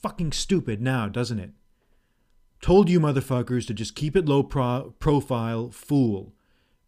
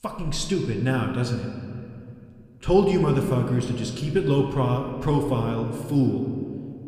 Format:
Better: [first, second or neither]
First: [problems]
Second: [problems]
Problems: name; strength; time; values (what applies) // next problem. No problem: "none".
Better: first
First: none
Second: room echo; slight; dies away in 1.9 s